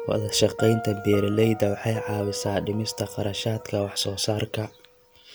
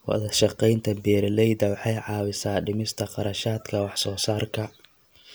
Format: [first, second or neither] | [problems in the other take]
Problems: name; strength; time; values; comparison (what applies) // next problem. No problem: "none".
second | background sound (Piano); 12 dB below the speech